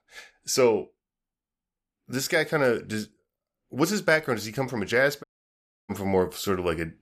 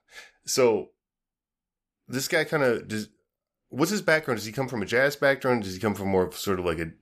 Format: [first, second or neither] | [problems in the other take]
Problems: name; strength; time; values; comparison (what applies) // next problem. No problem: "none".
second | audio cutting out; at 5 s for 0.5 s